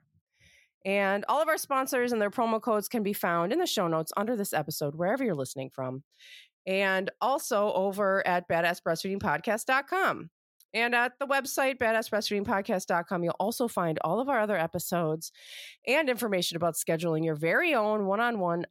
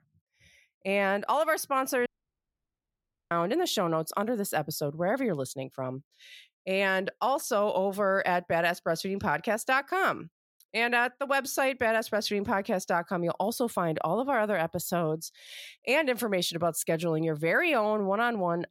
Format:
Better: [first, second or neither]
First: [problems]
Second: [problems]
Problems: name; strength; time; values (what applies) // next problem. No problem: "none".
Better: first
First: none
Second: audio cutting out; at 2 s for 1.5 s